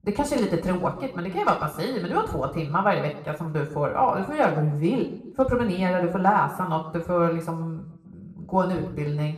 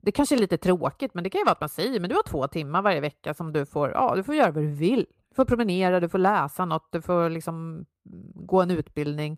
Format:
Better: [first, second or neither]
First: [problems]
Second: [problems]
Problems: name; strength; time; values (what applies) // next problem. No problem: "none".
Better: second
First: room echo; slight; dies away in 0.6 s // off-mic speech; somewhat distant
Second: none